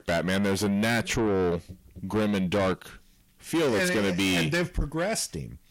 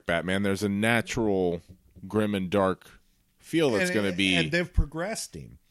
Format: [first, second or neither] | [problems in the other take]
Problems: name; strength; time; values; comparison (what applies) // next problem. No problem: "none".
second | distortion; heavy; 6 dB below the speech